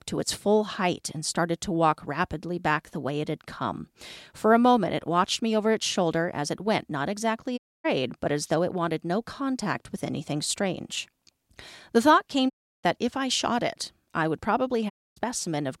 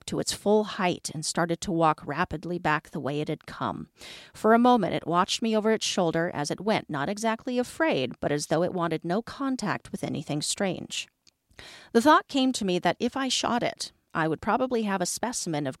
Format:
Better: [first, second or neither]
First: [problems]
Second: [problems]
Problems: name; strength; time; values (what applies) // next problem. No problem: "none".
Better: second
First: audio cutting out; at 7.5 s, at 13 s and at 15 s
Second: none